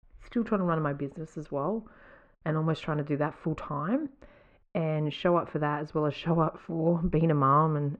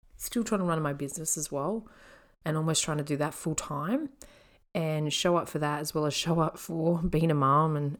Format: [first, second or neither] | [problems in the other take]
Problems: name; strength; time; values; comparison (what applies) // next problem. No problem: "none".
second | muffled; very; fading above 2 kHz